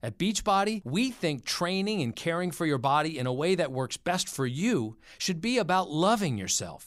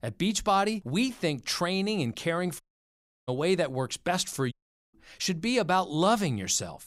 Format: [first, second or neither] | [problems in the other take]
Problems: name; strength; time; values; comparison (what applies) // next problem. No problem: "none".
first | audio cutting out; at 2.5 s for 0.5 s and at 4.5 s